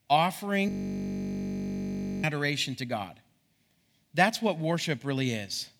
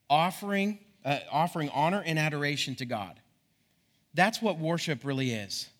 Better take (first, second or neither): second